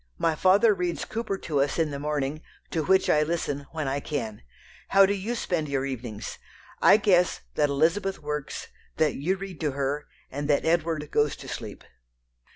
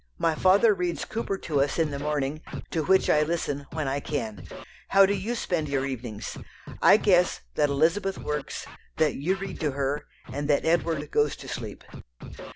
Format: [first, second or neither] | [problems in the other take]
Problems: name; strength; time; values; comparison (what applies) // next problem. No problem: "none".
first | background sound (Scratching (performance technique)); 13 dB below the speech